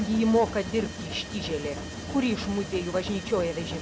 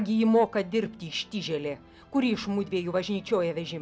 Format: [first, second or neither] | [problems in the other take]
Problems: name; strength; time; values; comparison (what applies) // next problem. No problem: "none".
second | background sound (Mechanisms); 8 dB below the speech